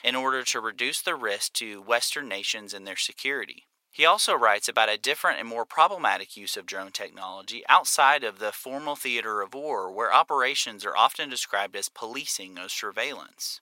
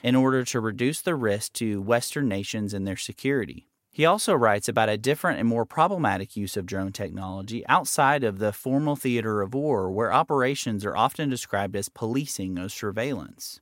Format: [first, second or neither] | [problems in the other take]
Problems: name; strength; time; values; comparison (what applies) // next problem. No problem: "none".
second | thin; very; fading below 700 Hz